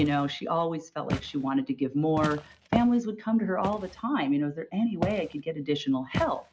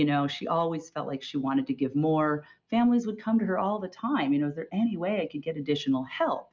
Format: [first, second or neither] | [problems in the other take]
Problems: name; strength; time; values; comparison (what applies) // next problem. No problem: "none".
second | background sound (Walk, footsteps); 10 dB below the speech